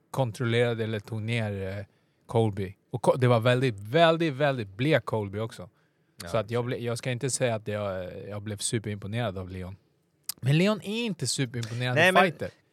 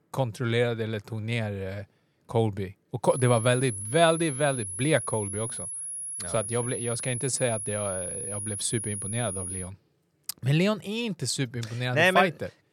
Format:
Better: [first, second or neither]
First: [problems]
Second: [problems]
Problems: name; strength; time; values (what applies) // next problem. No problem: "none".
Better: first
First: none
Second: high-pitched whine; loud; from 3 to 9.5 s; 10.5 kHz, 5 dB below the speech